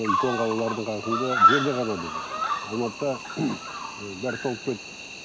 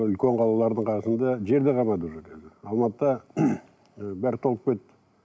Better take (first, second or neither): second